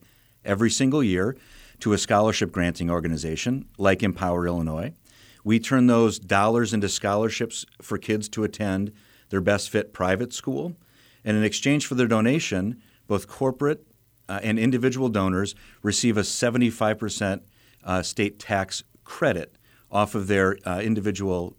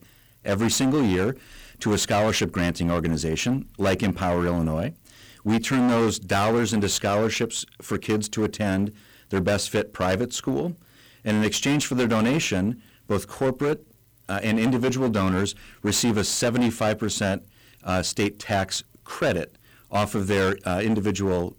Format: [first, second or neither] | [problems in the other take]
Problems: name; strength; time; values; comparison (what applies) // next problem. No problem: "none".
first | distortion; heavy; 16% of the sound clipped